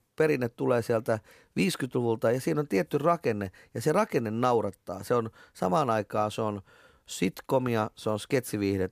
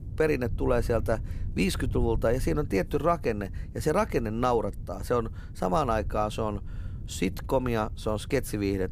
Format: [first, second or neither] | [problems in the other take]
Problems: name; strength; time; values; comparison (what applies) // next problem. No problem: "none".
first | low rumble; faint; throughout; 25 dB below the speech